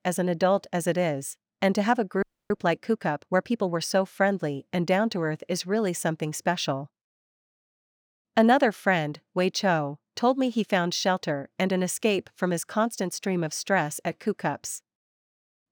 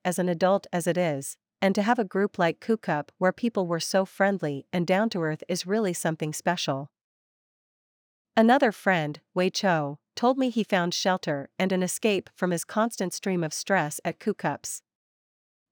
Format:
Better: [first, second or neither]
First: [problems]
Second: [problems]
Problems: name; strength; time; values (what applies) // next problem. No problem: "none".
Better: second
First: audio freezing; at 2 s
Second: none